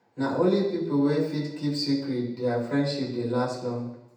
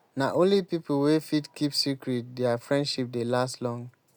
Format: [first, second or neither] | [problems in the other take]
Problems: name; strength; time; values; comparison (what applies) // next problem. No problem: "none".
second | room echo; dies away in 0.8 s